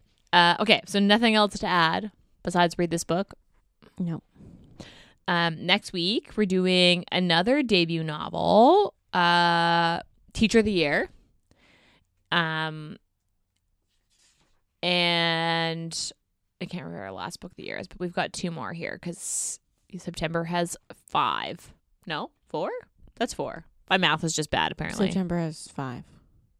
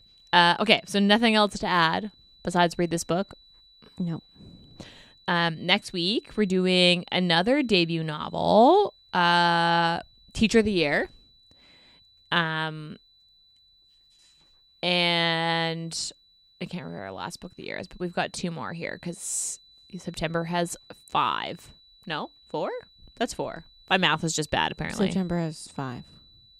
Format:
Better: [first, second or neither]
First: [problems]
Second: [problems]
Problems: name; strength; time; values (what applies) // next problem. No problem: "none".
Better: first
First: none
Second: high-pitched whine; faint; throughout; 4 kHz, 30 dB below the speech